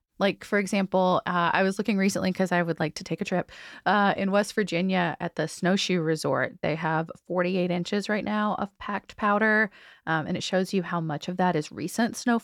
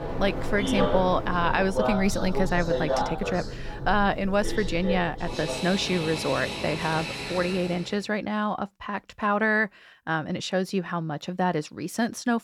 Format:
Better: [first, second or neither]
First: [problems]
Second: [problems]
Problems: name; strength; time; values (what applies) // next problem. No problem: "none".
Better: first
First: none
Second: train or aircraft noise; loud; until 7.5 s; 4 dB below the speech